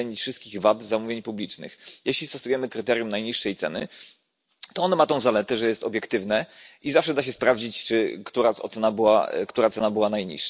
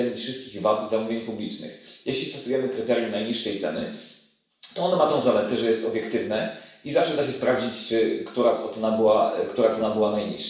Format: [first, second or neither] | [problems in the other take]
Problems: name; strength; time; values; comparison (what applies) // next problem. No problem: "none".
first | room echo; dies away in 0.7 s